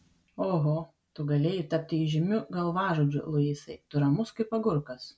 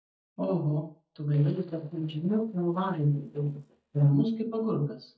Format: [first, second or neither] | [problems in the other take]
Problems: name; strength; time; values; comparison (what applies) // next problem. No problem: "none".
first | noise reduction (neural mask model DeepFilterNet 3)